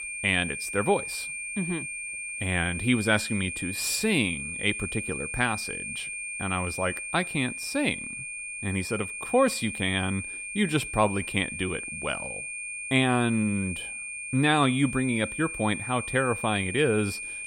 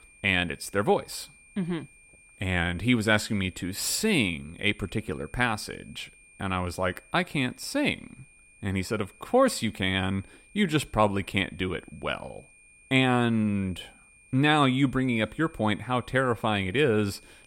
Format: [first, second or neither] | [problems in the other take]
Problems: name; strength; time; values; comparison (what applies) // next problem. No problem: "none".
second | high-pitched whine; loud; throughout; 2.5 kHz, 6 dB below the speech; faint in the second